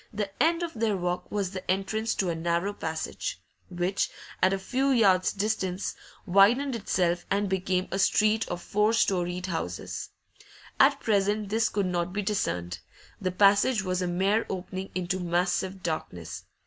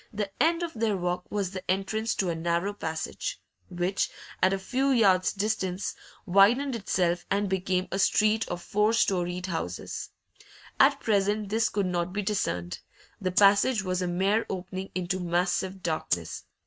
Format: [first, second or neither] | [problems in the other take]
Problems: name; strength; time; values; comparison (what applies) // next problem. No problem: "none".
first | noise reduction (neural mask model RNNoise)